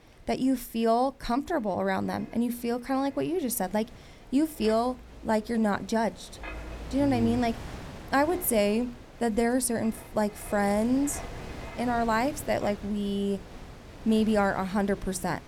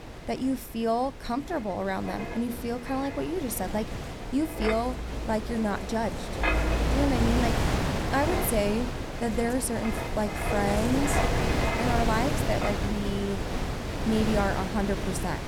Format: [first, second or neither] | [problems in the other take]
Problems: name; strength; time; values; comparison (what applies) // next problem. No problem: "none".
first | wind noise on the microphone; heavy; 1 dB below the speech; occasional gusts in the first